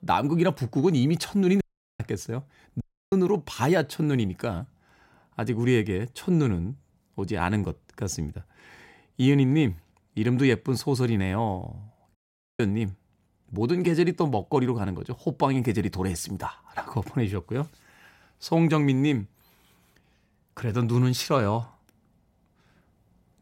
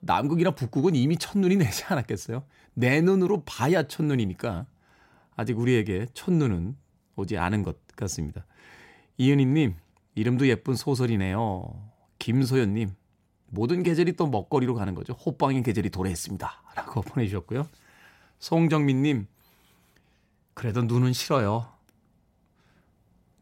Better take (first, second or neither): second